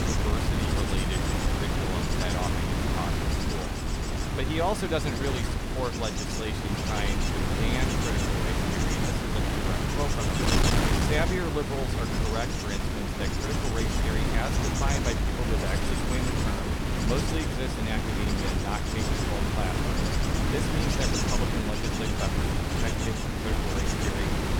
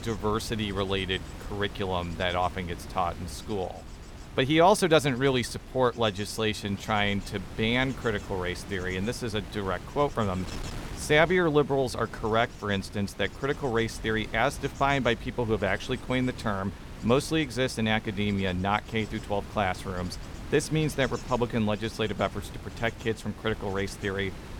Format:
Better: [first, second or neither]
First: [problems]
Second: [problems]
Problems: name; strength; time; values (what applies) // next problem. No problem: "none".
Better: second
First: wind noise on the microphone; heavy; 4 dB above the speech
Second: wind noise on the microphone; occasional gusts; 20 dB below the speech